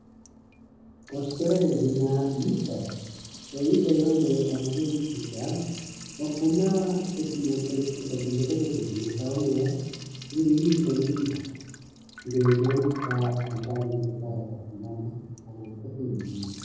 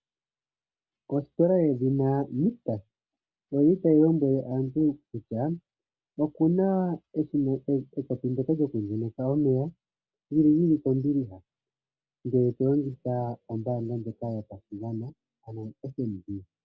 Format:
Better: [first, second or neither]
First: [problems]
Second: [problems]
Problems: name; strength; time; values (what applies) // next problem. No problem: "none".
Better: second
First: background sound (Liquid); 16 dB below the speech // room echo; dies away in 1.3 s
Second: none